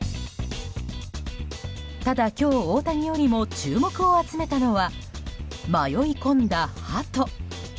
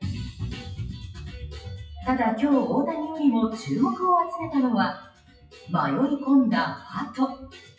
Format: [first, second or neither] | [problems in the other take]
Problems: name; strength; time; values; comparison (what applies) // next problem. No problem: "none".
first | noise reduction (classical method WPE with log-MMSE)